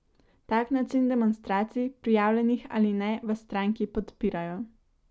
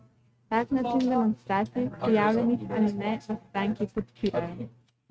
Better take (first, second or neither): first